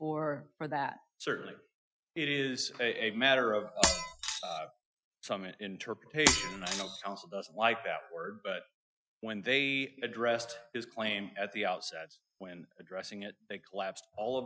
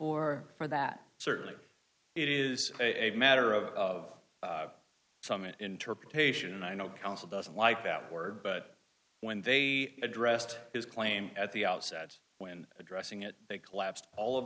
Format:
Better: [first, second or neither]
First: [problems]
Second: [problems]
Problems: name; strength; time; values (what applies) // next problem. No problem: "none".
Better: second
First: noise reduction (classical method Wiener filter)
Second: none